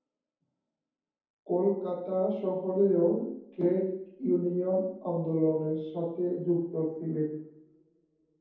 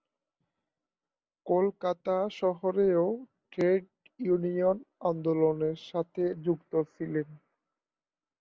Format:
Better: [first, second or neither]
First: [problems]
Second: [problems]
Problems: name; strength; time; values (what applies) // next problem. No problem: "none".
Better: second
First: room echo; dies away in 0.9 s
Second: none